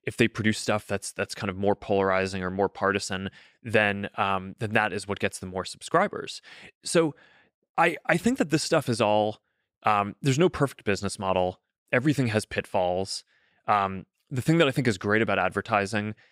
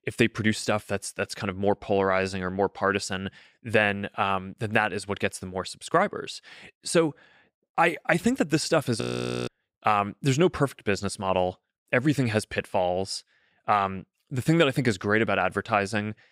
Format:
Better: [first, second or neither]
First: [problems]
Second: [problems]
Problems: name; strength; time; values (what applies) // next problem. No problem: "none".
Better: first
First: none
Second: audio freezing; at 9 s